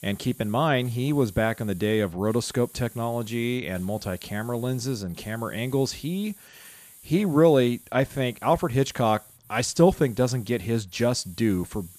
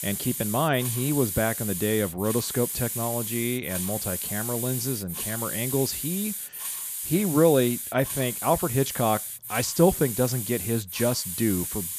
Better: first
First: hiss; faint; throughout; 20 dB below the speech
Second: hiss; loud; throughout; 4 dB below the speech

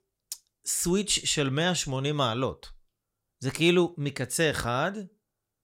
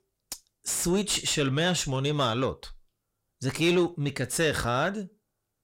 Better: first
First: none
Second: distortion; slight; 10 dB below the speech

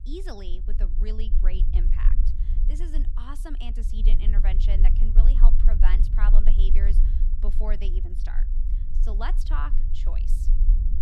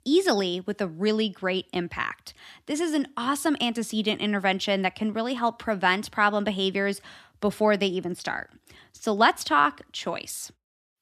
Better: second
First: low rumble; loud; throughout; 7 dB below the speech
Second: none

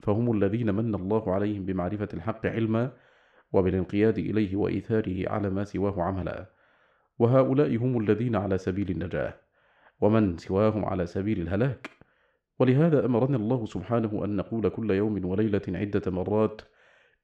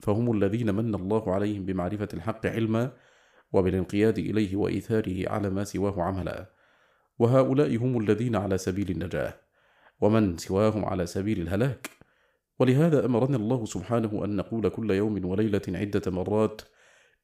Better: second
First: muffled; slightly; fading above 3 kHz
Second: none

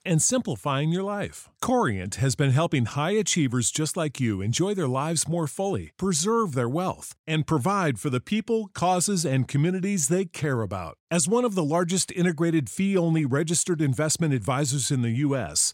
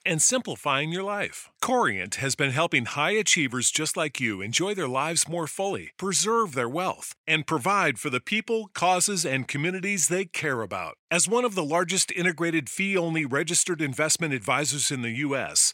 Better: first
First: none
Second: thin; somewhat; fading below 900 Hz

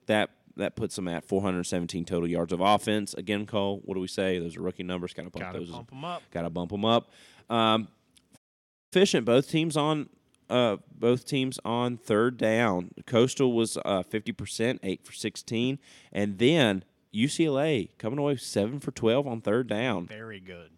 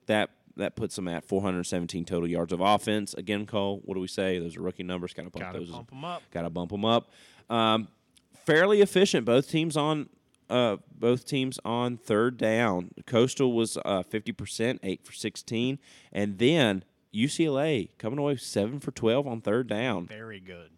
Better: second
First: audio cutting out; at 8.5 s for 0.5 s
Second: none

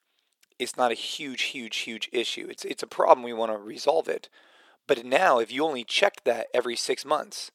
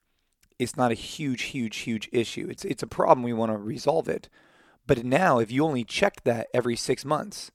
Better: second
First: thin; somewhat; fading below 500 Hz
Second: none

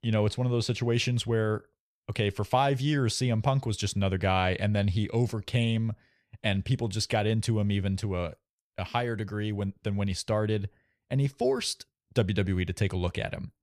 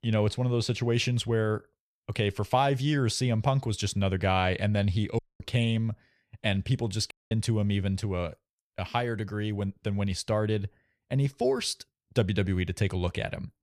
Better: first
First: none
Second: audio cutting out; at 5 s and at 7 s

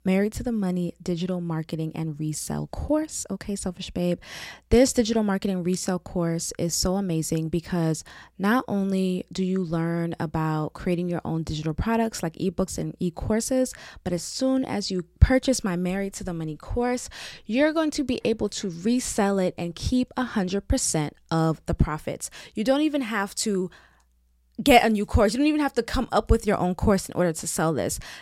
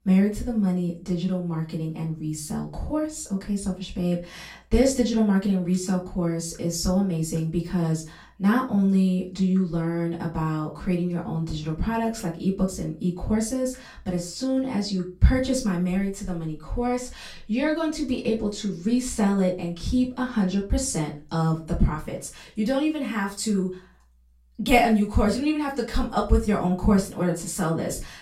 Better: first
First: none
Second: room echo; very slight; dies away in 0.3 s // off-mic speech; far

